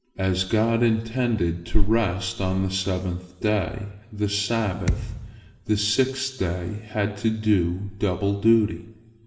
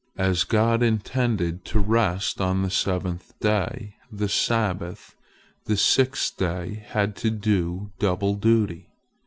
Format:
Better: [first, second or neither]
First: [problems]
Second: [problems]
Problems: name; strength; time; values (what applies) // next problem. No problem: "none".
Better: second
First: background sound (Thump, thud); 6 dB below the speech // room echo; dies away in 1.1 s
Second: none